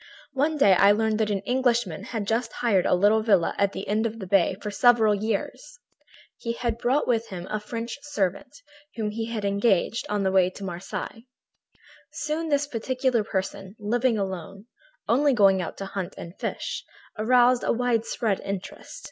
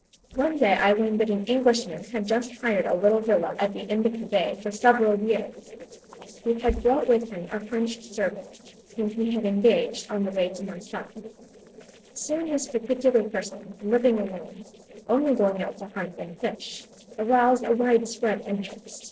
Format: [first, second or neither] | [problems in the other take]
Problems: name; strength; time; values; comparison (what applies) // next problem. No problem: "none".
first | noise reduction (neural separator model SepFormer DNS4)